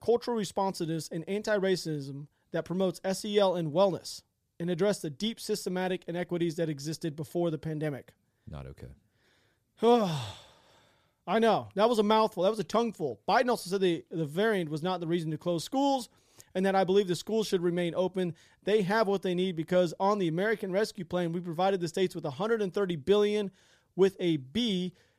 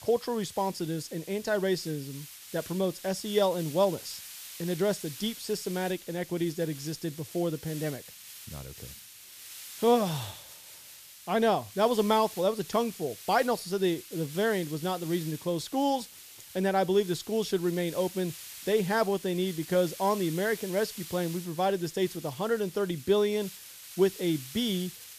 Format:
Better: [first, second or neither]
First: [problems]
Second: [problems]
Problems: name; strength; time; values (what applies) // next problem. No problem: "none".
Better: first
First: none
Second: hiss; noticeable; throughout; 15 dB below the speech